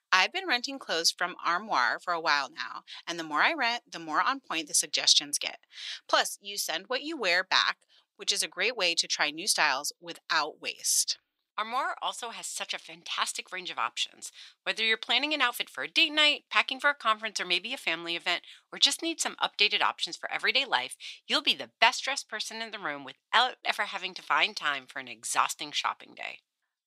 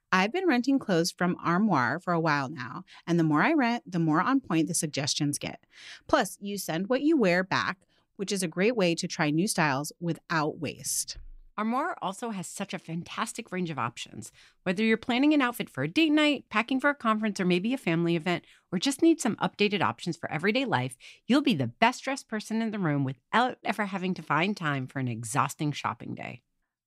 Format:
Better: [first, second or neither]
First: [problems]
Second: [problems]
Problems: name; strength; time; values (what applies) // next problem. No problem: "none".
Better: second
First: thin; very; fading below 750 Hz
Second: none